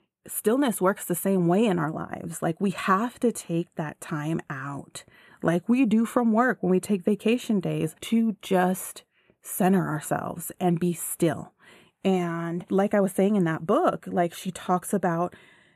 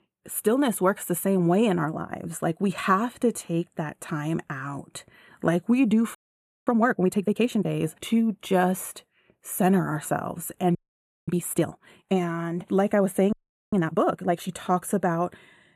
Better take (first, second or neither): first